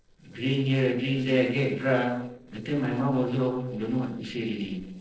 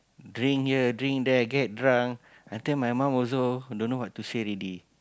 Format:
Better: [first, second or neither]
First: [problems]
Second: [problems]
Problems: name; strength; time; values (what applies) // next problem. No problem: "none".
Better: second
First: noise reduction (neural separator model SepFormer DNS4)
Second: none